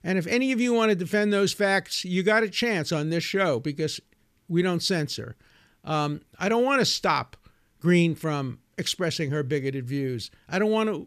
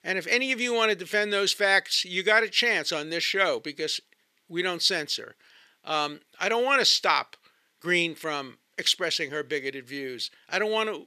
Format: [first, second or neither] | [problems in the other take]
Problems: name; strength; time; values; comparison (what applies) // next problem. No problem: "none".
first | thin; somewhat; fading below 450 Hz